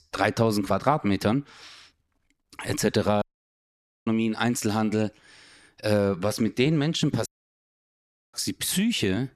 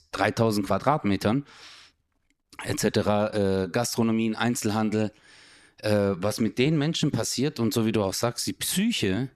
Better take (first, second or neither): second